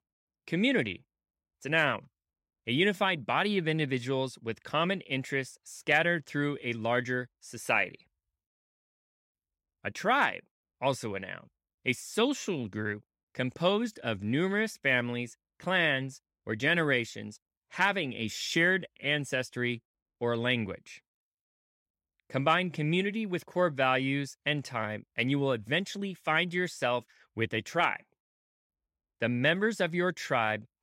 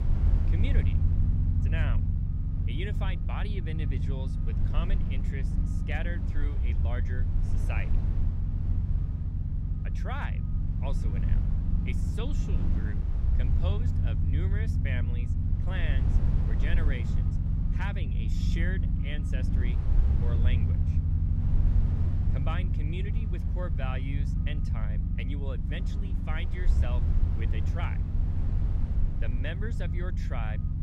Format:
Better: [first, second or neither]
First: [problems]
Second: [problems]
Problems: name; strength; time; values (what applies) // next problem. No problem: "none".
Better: first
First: none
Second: low rumble; loud; throughout; 2 dB below the speech